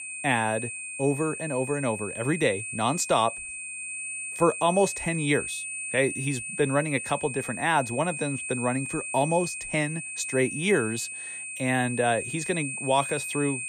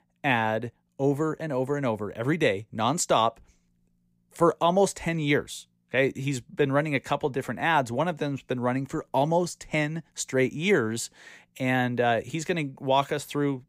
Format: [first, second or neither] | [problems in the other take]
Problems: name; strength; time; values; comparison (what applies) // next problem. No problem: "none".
second | high-pitched whine; loud; throughout; 2.5 kHz, 6 dB below the speech